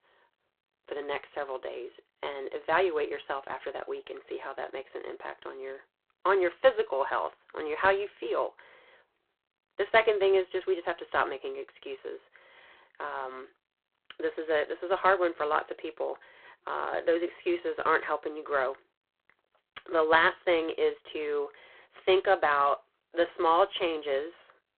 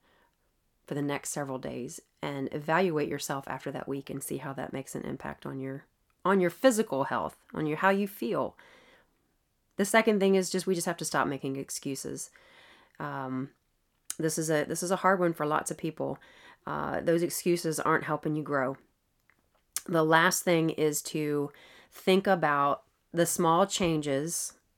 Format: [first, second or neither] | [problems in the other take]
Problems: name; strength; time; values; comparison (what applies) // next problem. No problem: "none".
second | phone-call audio; poor line